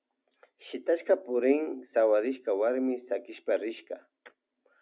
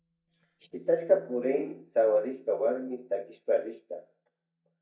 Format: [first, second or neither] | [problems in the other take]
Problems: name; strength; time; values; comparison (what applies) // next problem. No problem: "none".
first | noise reduction (neural mask model DeepFilterNet 3)